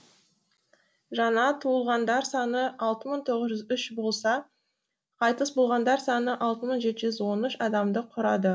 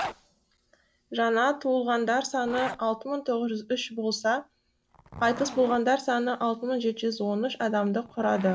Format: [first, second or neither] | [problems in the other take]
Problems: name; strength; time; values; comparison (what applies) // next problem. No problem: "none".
first | background sound (Zipper (clothing)); 16 dB below the speech